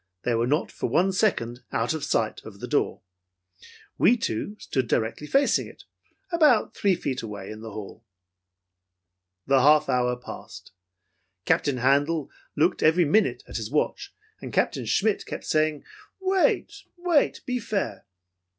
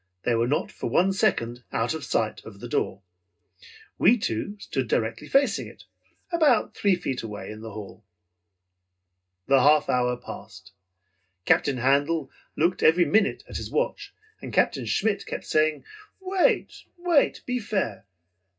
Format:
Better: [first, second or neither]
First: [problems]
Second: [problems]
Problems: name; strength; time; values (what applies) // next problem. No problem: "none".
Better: first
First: none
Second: room echo; dies away in 0.2 s